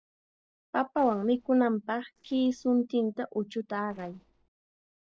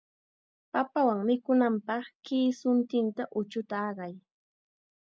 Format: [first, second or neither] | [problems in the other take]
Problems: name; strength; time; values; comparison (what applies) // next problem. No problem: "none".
second | noise reduction (neural separator model SepFormer DNS4)